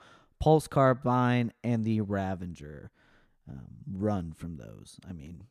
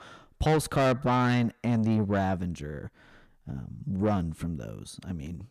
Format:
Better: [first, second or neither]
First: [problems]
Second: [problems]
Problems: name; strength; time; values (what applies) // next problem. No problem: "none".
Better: first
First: none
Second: distortion; heavy; 6 dB below the speech